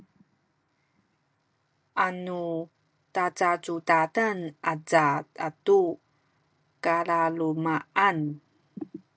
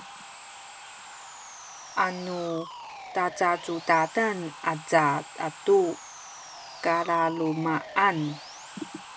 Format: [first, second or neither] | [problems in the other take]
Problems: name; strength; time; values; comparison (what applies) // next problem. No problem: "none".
first | background sound (Sawing); 15 dB below the speech